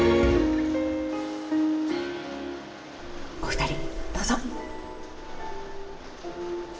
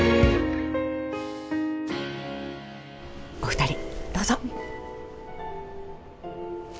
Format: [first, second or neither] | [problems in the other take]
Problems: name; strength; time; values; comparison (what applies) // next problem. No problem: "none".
second | background sound (Rain); 17 dB below the speech // room echo; dies away in 0.9 s